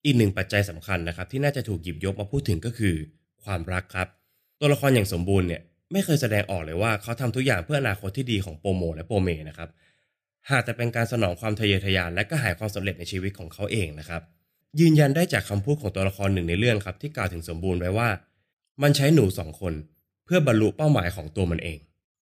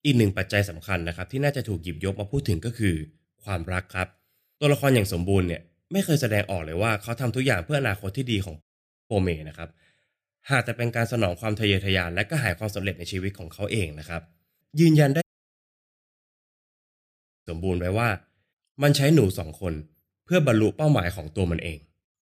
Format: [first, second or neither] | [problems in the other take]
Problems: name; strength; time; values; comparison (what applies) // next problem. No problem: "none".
first | audio cutting out; at 8.5 s and at 15 s for 2 s